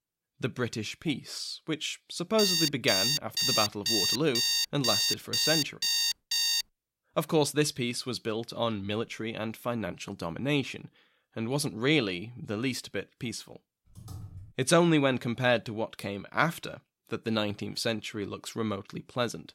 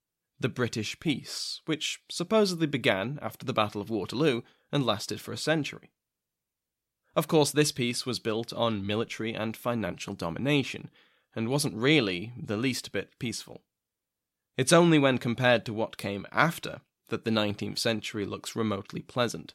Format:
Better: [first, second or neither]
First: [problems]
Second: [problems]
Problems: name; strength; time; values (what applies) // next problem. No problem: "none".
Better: second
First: alarm; loud; from 2.5 to 6.5 s; peak 6 dB above the speech // keyboard typing; faint; at 14 s; peak 15 dB below the speech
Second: none